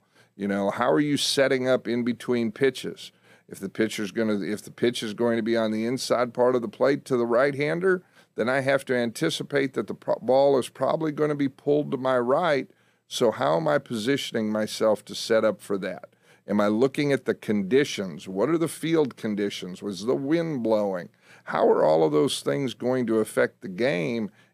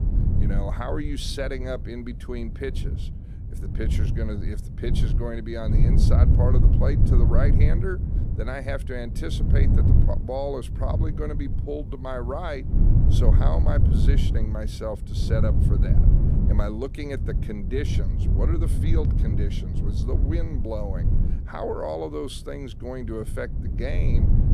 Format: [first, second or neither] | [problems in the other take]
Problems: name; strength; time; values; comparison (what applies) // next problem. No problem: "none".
first | wind noise on the microphone; heavy; 4 dB below the speech